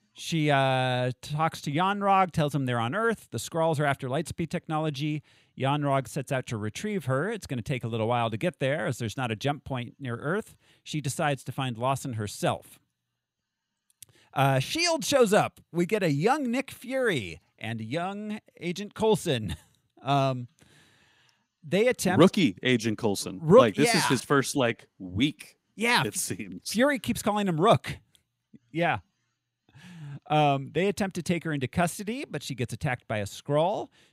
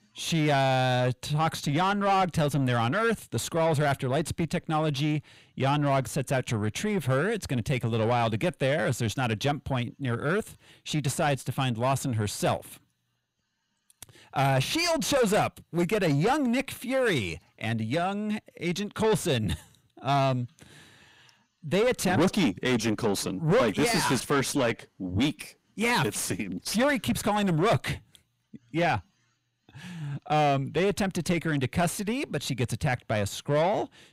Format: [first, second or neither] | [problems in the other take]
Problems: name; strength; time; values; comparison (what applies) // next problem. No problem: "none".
first | distortion; heavy; 7 dB below the speech